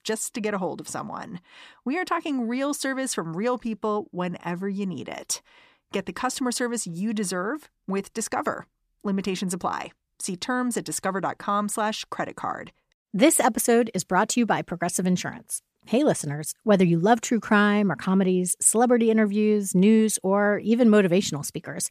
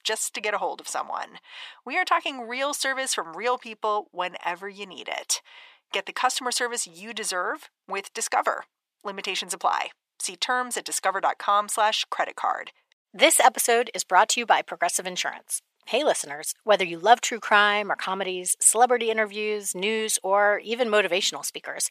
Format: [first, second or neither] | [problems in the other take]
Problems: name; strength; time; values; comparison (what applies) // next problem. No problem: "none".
first | thin; very; fading below 650 Hz